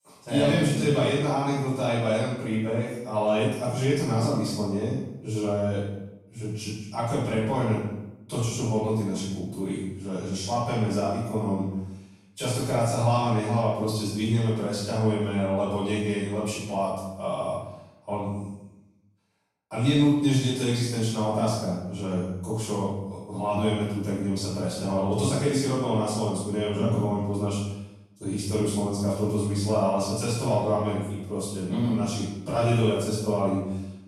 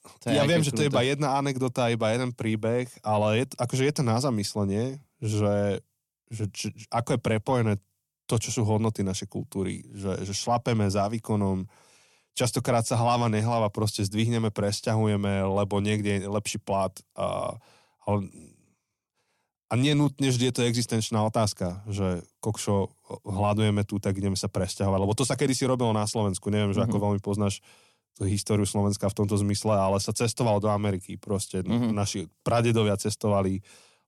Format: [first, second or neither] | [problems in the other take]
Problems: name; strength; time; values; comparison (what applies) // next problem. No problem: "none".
second | off-mic speech; far // room echo; strong; dies away in 0.8 s